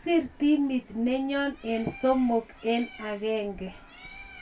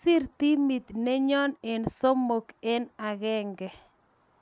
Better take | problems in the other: second | background sound (Bird); 20 dB below the speech // room echo; dies away in 0.2 s

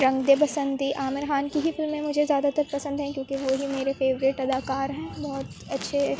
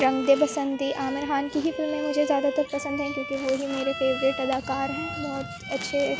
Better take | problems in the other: first | background sound (Bowed string instrument); 9 dB below the speech

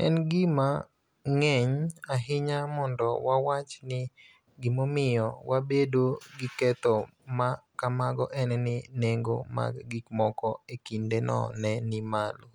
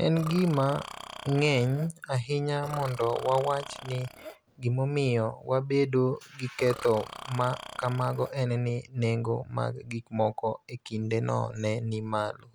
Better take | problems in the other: first | background sound (Burping, eructation); 14 dB below the speech

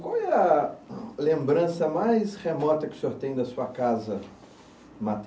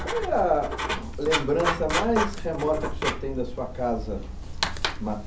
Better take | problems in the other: first | background sound (Writing); 2 dB below the speech

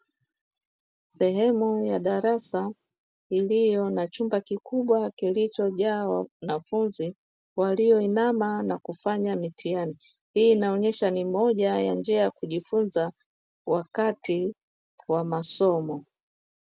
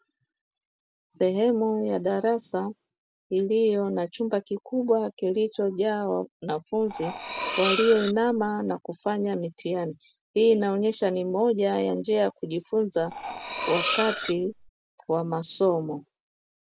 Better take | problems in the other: first | background sound (Cutlery, silverware); 5 dB below the speech

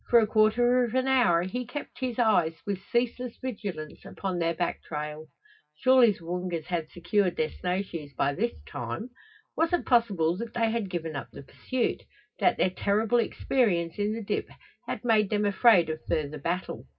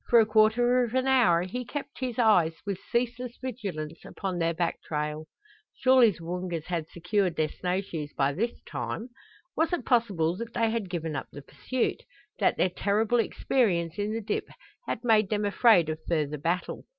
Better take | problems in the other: second | room echo; dies away in 0.4 s

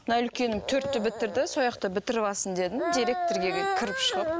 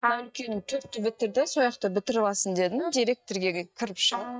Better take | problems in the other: first | noise reduction (neural mask model DeepFilterNet 3)

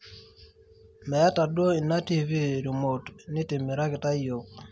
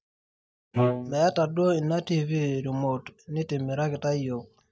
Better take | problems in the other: first | noise reduction (neural mask model DeepFilterNet 3)

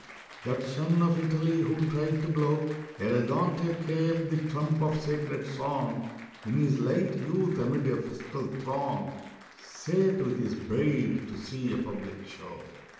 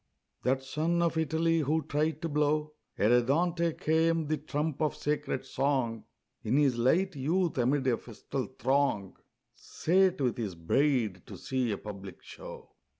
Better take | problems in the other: second | background sound (Applause); 20 dB below the speech // room echo; dies away in 0.9 s

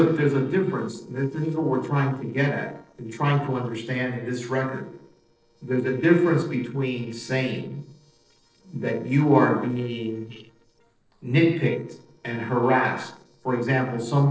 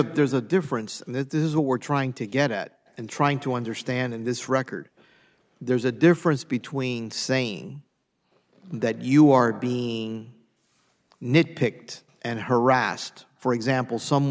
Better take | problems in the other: second | noise reduction (neural separator model SepFormer DNS4)

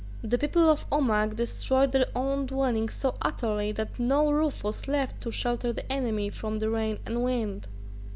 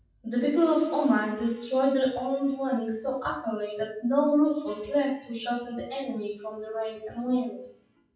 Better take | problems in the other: first | noise reduction (classical method WPE with log-MMSE)

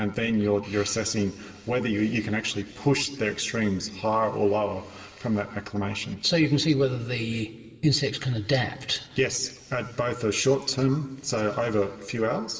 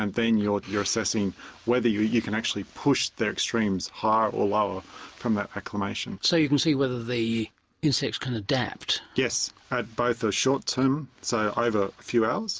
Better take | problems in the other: second | room echo; dies away in 2.9 s

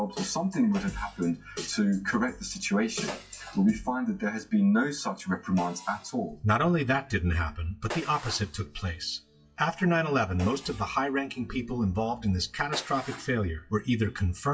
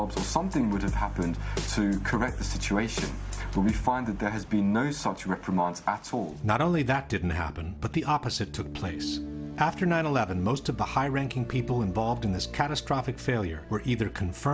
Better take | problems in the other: second | noise reduction (classical method WPE with log-MMSE)

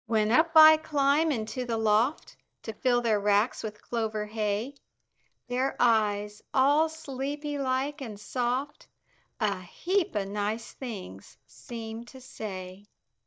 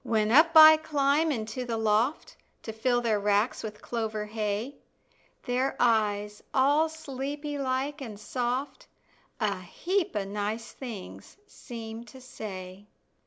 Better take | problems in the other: second | noise reduction (neural mask model DeepFilterNet 3)

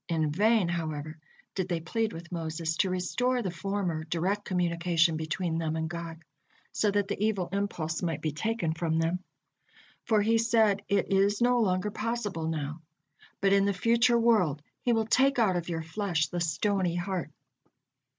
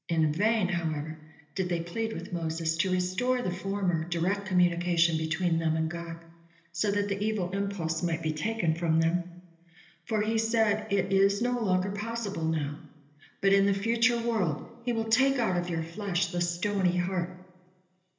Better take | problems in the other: first | room echo; dies away in 0.8 s

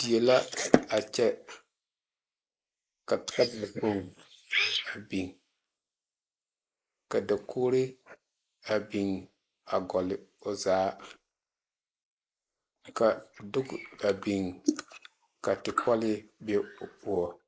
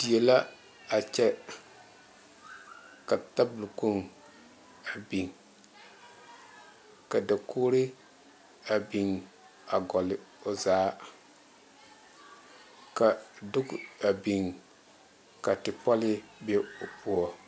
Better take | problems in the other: second | noise reduction (neural mask model Resemble Enhance denoiser)

